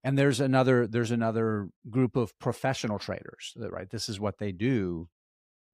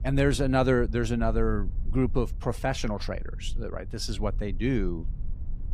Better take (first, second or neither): first